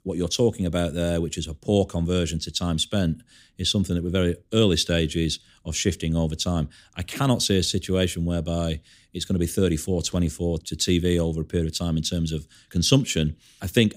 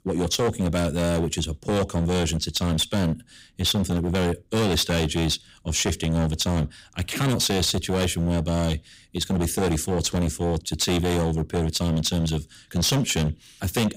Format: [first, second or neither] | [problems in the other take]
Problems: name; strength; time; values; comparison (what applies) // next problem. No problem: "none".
first | distortion; heavy; 17% of the sound clipped